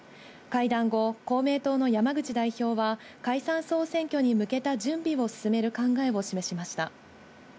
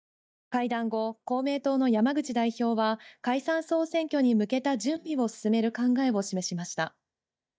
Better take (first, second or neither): first